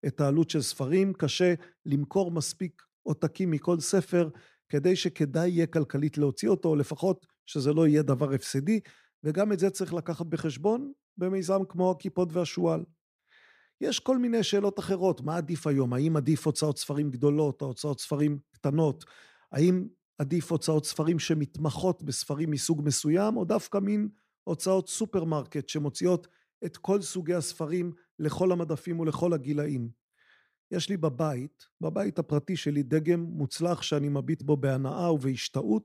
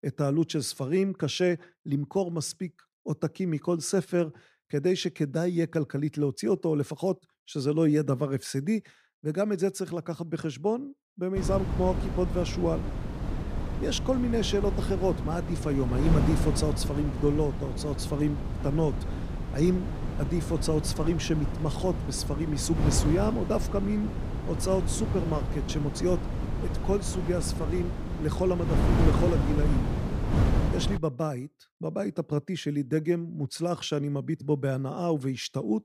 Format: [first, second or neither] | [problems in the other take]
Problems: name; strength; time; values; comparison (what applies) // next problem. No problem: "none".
first | wind noise on the microphone; heavy; from 11 to 31 s; 6 dB below the speech